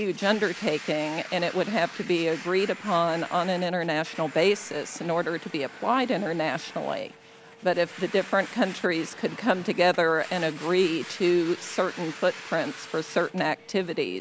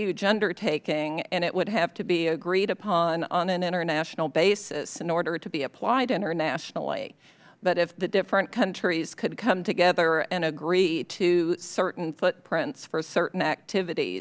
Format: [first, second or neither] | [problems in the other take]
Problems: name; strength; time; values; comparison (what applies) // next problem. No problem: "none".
second | background sound (Domestic sounds, home sounds); 16 dB below the speech